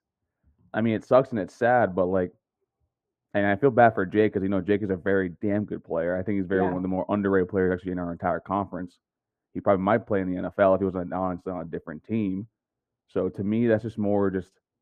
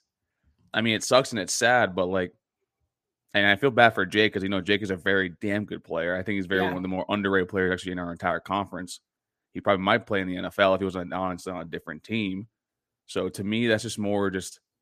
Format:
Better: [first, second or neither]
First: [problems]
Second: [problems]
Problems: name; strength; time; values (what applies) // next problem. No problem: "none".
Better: second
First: muffled; very; fading above 2.5 kHz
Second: none